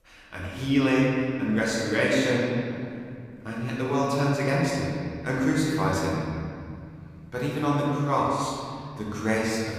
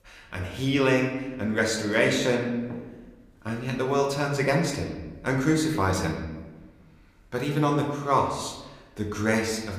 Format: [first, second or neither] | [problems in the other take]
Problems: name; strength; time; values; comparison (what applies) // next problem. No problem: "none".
second | room echo; strong; dies away in 2.3 s; slight in the second // off-mic speech; far; somewhat distant in the second